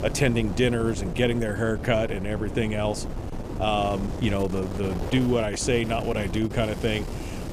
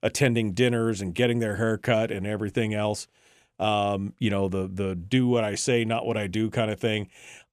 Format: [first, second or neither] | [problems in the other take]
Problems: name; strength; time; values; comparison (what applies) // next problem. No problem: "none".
second | wind noise on the microphone; occasional gusts; 10 dB below the speech